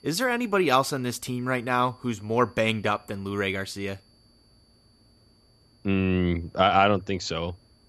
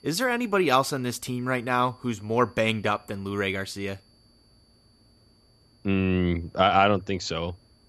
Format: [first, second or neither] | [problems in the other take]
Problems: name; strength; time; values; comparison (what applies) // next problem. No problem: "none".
neither | high-pitched whine; faint; throughout; 4.5 kHz, 35 dB below the speech; the same in both